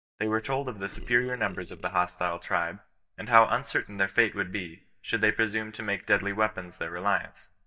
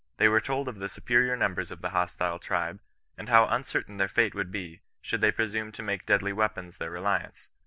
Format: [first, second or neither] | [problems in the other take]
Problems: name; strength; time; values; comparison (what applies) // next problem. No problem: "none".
second | noise reduction (neural mask model DeepFilterNet 3)